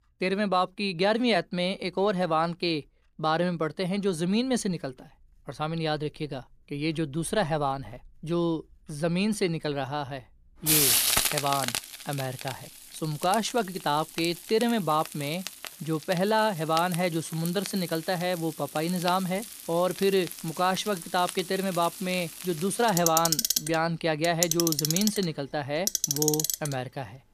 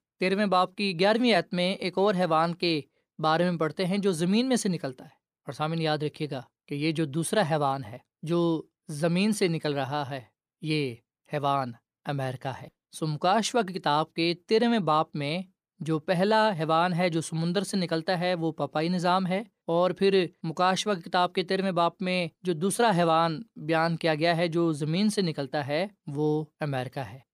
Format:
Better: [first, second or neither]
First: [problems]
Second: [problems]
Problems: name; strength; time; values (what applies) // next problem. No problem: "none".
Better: second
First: household noises; loud; throughout; 2 dB below the speech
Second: none